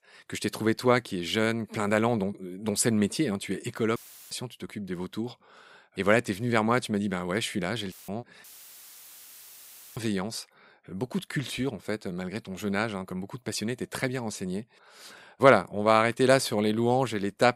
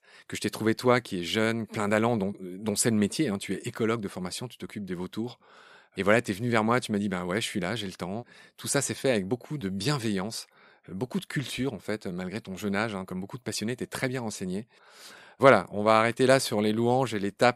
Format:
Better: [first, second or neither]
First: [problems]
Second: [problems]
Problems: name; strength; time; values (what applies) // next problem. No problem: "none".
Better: second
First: audio cutting out; filled with static; at 4 s, at 8 s and at 8.5 s for 1.5 s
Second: none